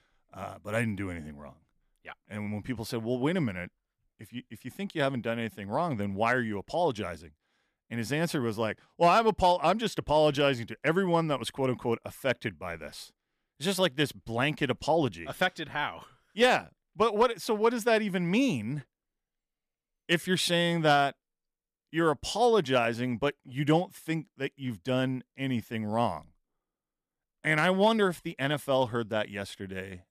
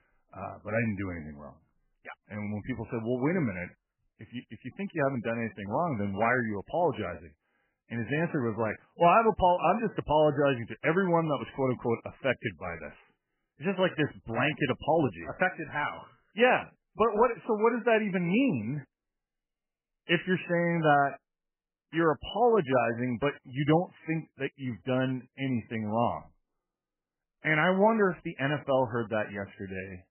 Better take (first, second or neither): first